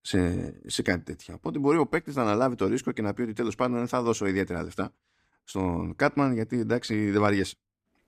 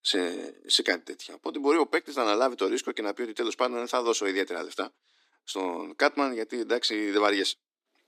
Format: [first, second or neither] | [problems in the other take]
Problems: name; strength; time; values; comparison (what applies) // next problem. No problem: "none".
first | thin; somewhat; fading below 300 Hz